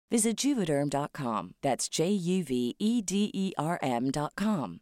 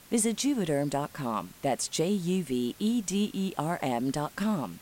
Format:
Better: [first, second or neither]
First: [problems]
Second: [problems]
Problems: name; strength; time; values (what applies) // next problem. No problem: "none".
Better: first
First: none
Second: hiss; faint; throughout; 20 dB below the speech